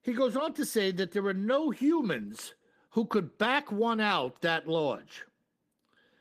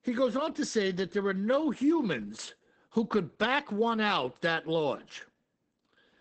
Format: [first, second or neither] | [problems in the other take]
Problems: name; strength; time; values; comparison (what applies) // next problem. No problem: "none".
first | garbled, watery; badly; nothing above 8 kHz; slightly in the first